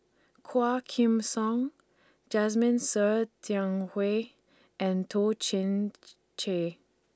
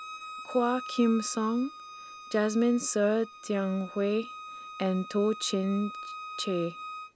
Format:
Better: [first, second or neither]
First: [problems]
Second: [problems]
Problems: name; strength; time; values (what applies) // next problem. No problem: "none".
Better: first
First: none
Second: background sound (Bowed string instrument); 13 dB below the speech